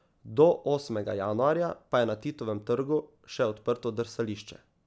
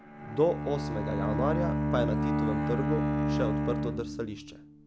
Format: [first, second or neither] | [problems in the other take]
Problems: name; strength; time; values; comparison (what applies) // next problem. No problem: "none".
first | background sound (Bowed string instrument); 3 dB above the speech